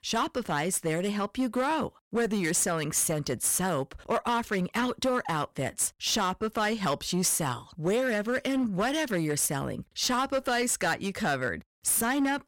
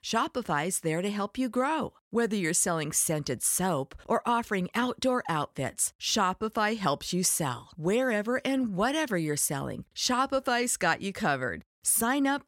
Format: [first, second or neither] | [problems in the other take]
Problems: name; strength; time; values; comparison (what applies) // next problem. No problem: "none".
second | distortion; slight; 10% of the sound clipped